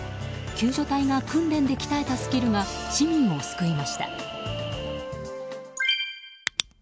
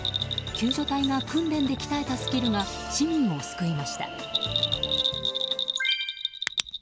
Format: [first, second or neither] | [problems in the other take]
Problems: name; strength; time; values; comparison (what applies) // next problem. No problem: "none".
first | background sound (Bell); 4 dB below the speech